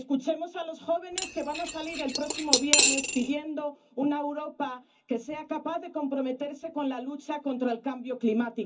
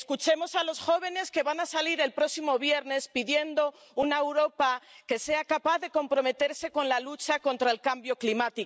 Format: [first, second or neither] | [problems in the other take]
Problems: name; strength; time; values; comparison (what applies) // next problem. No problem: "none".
second | background sound (Cutlery, silverware / Dishes, pots, and pans); 4 dB above the speech // room echo; dies away in 0.3 s